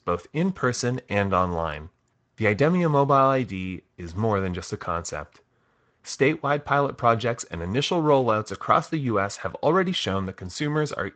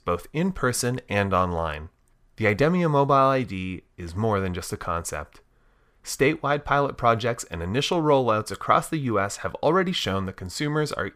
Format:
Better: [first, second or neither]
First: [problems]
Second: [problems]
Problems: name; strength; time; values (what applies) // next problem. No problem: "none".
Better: second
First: garbled, watery; slightly; nothing above 8 kHz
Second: none